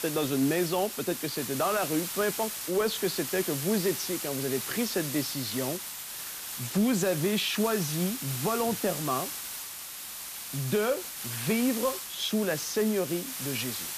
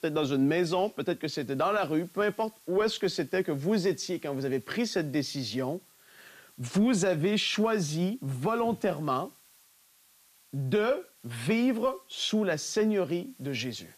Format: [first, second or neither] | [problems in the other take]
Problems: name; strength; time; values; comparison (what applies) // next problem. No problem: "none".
second | hiss; loud; throughout; 5 dB below the speech; faint in the second